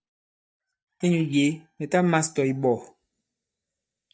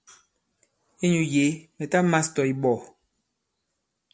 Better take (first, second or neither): second